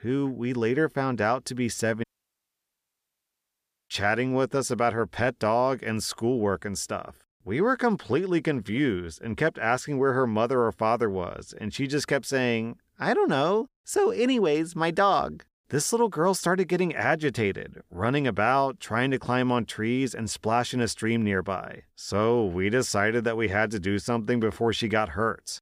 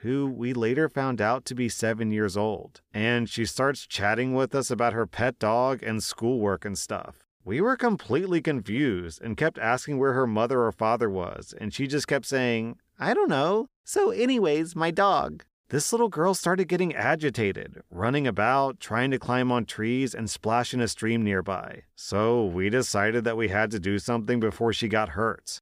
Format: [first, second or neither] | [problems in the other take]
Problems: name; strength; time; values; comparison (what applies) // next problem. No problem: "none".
second | audio cutting out; at 2 s for 2 s